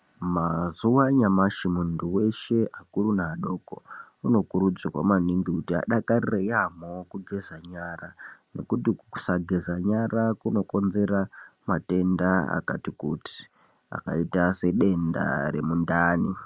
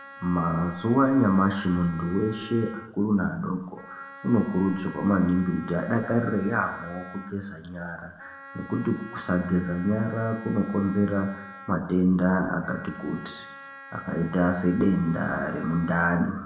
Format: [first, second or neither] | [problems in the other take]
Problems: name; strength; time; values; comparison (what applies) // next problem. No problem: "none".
first | background sound (Wind instrument, woodwind instrument); 18 dB below the speech // room echo; dies away in 0.7 s